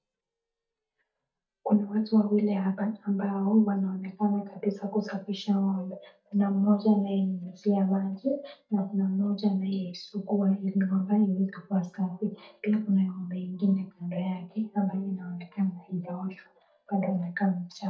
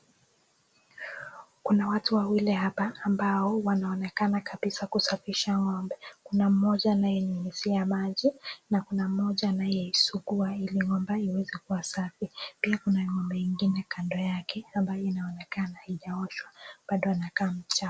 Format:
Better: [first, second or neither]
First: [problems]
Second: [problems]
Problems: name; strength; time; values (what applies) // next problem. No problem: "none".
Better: second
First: noise reduction (neural mask model DeepFilterNet 3)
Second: none